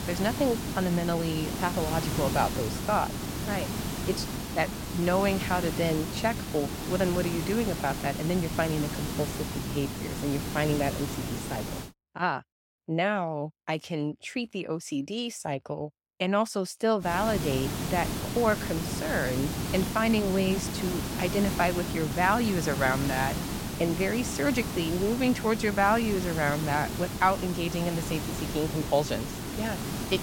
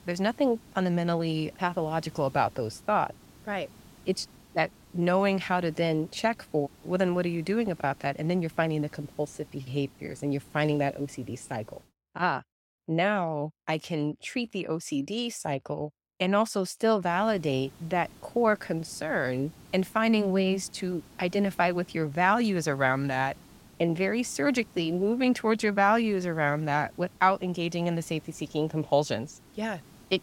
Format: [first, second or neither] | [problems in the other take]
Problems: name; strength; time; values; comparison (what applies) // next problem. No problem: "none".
second | hiss; loud; until 12 s and from 17 s on; 4 dB below the speech; faint in the second